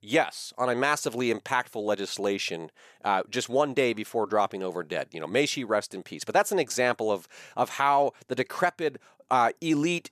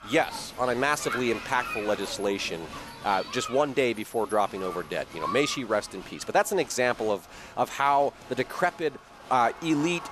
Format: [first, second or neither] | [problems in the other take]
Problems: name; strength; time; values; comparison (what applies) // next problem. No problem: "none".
first | crowd noise; noticeable; throughout; 10 dB below the speech